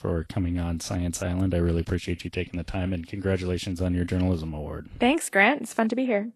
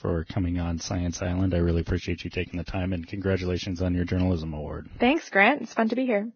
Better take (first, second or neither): first